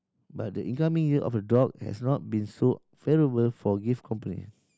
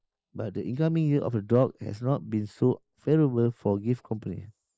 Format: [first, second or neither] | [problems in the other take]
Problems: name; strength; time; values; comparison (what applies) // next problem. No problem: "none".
first | noise reduction (neural mask model Resemble Enhance denoiser)